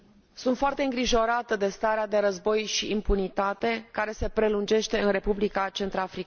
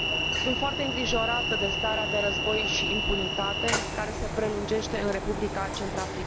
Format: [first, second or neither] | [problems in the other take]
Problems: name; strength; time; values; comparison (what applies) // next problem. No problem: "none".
first | background sound (Train); 1 dB above the speech